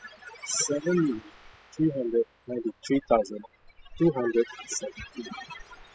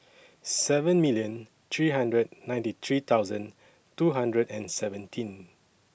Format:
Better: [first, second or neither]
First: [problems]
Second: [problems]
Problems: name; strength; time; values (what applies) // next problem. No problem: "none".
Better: second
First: noise reduction (classical method spectral subtraction)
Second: none